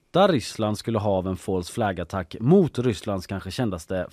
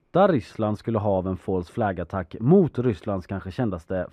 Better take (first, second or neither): first